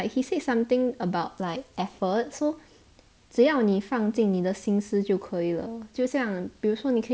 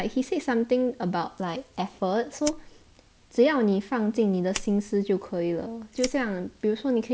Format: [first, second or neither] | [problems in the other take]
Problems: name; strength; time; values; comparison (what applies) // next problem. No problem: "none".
first | background sound (Fire); 18 dB below the speech